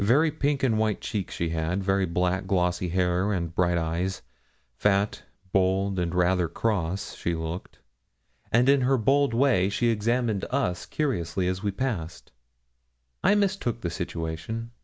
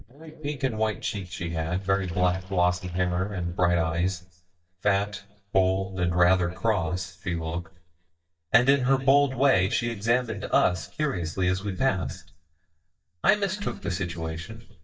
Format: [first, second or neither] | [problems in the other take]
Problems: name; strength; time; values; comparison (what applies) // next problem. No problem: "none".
first | noise reduction (neural mask model DeepFilterNet 3)